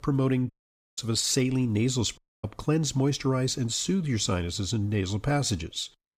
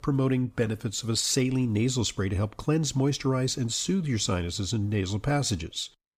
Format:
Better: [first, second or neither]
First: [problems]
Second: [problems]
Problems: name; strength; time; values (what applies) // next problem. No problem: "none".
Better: second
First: audio cutting out; at 0.5 s and at 2 s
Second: none